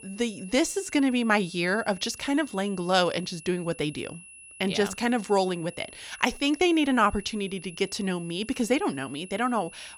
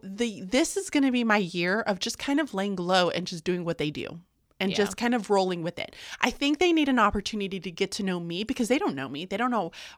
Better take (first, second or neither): second